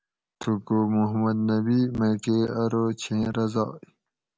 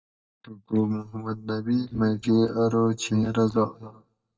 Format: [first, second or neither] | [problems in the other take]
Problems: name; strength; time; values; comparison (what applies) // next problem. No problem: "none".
first | noise reduction (neural mask model DeepFilterNet 3)